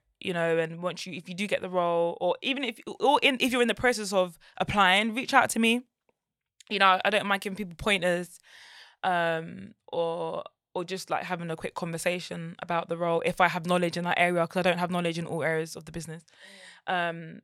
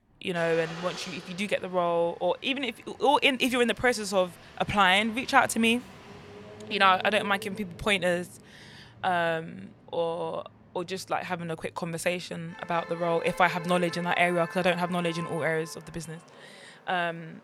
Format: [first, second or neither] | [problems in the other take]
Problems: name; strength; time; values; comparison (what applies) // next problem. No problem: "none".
first | traffic noise; noticeable; throughout; 15 dB below the speech